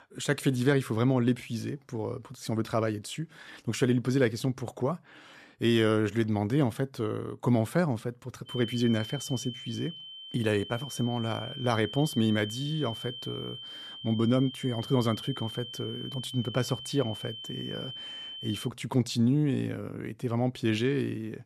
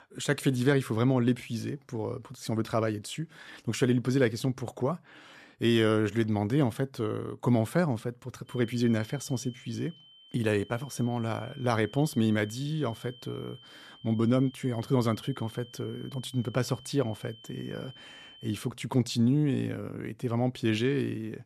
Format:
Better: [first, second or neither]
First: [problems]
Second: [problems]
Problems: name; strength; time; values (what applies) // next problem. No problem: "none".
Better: second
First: high-pitched whine; loud; from 8.5 to 19 s; 3 kHz, 10 dB below the speech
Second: high-pitched whine; faint; from 8.5 to 19 s; 3 kHz, 20 dB below the speech